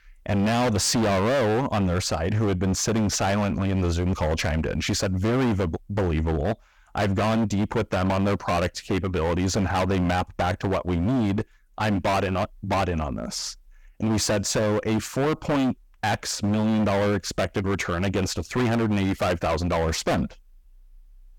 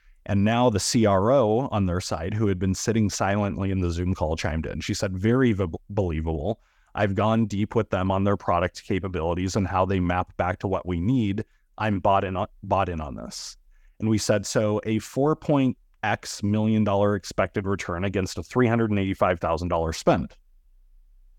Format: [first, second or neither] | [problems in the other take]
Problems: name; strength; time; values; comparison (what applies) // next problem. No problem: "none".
second | distortion; heavy; 24% of the sound clipped